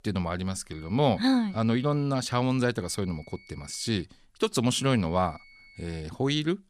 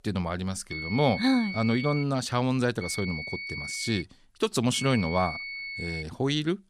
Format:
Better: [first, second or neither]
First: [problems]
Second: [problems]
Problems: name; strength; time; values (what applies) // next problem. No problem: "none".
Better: first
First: high-pitched whine; faint; from 0.5 to 2 s, from 3 to 4 s and from 4.5 to 6 s; 2 kHz, 25 dB below the speech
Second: high-pitched whine; loud; from 0.5 to 2 s, from 3 to 4 s and from 4.5 to 6 s; 2 kHz, 7 dB below the speech